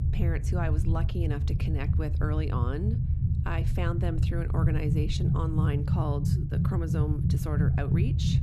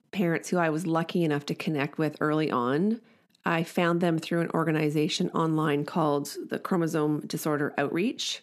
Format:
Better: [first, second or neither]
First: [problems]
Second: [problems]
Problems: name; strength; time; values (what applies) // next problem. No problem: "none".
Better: second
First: low rumble; loud; throughout; 3 dB below the speech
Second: none